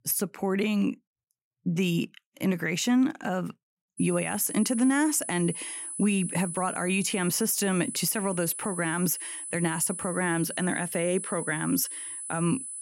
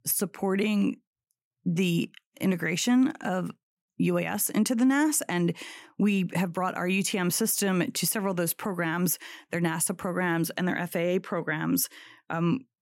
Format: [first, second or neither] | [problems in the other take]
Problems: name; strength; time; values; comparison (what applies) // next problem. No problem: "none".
second | high-pitched whine; loud; from 4 s on; 10 kHz, 7 dB below the speech